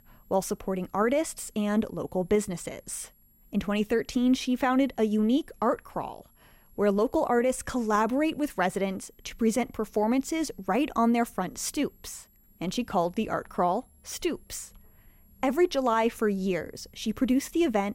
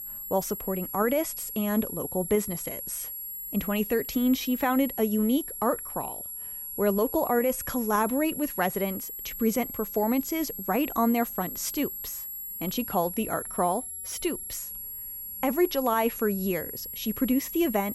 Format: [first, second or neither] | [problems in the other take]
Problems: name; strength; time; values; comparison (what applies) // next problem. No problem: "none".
first | high-pitched whine; loud; throughout; 11.5 kHz, 6 dB below the speech; faint in the first